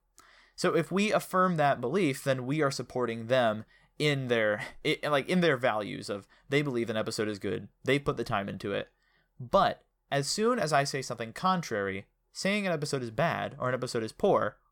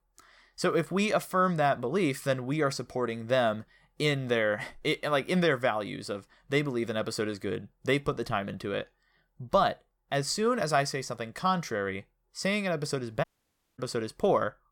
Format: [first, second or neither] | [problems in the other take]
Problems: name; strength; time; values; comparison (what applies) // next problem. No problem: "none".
first | audio cutting out; at 13 s for 0.5 s